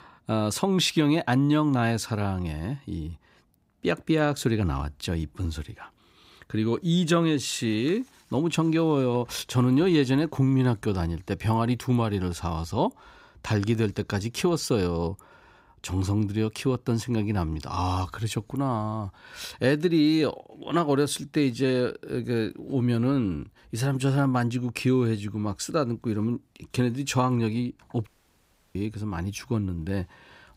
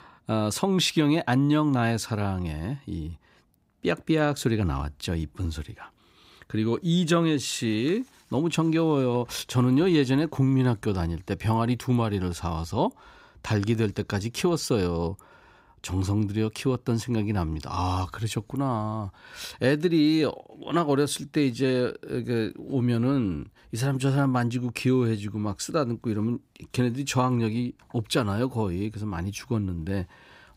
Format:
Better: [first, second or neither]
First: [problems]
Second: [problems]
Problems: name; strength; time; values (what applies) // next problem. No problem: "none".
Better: second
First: audio cutting out; at 28 s for 0.5 s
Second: none